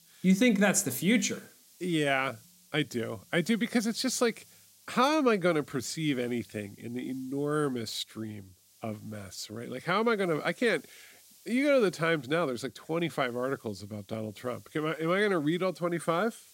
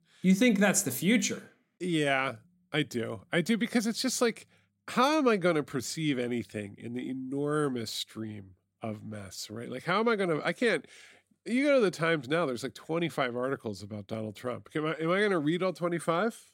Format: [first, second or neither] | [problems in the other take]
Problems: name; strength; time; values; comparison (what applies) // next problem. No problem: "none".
second | hiss; faint; throughout; 25 dB below the speech